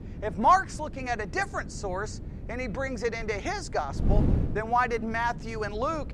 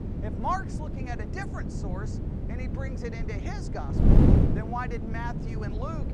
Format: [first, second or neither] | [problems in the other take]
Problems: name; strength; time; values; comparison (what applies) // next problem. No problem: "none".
first | wind noise on the microphone; heavy; 1 dB below the speech; occasional gusts in the first